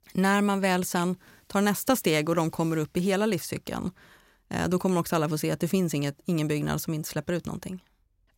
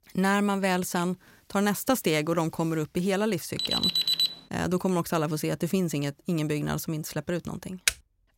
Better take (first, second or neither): first